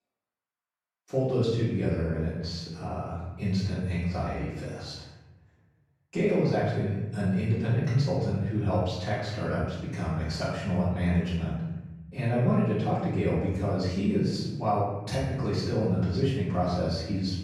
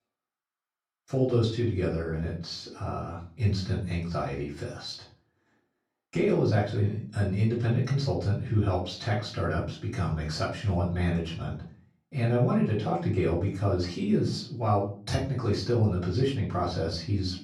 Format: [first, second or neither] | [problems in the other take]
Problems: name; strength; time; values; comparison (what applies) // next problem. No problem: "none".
second | room echo; strong; dies away in 1.1 s; slight in the second // off-mic speech; far; far in the second